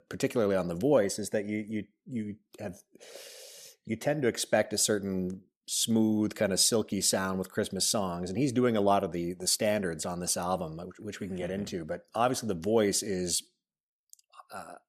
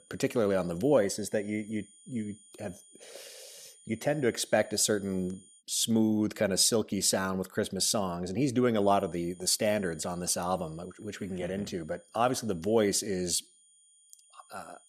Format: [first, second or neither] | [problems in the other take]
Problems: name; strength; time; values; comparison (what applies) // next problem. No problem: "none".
first | high-pitched whine; faint; until 5.5 s and from 9 s on; 9 kHz, 25 dB below the speech